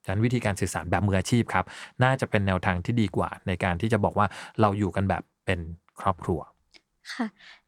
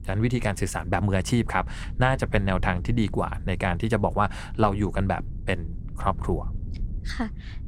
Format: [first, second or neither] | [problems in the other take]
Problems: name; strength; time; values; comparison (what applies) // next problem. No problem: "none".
first | low rumble; faint; throughout; 25 dB below the speech